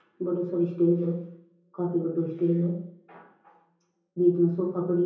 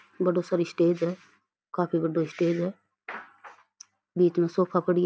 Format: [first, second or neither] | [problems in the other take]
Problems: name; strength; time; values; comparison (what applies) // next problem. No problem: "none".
second | room echo; dies away in 0.7 s